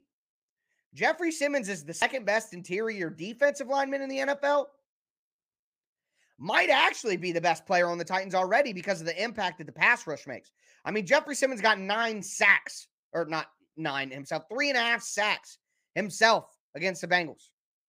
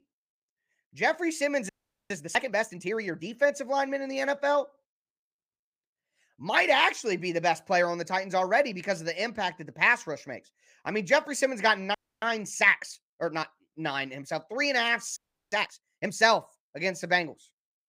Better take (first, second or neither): first